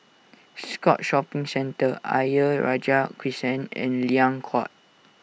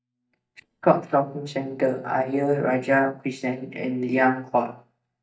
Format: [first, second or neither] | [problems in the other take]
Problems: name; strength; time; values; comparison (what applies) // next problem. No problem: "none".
first | noise reduction (neural mask model DeepFilterNet 3)